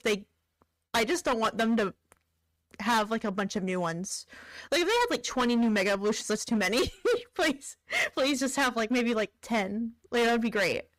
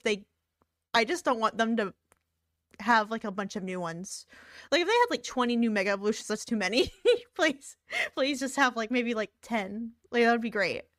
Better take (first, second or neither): second